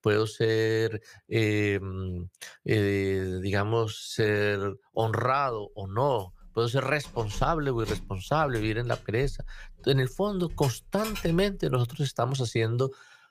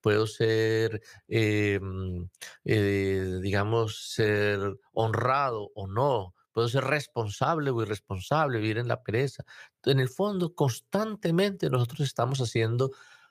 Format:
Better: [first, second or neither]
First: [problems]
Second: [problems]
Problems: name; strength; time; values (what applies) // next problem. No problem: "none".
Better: second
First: jangling keys; noticeable; from 6.5 to 12 s; peak 9 dB below the speech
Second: none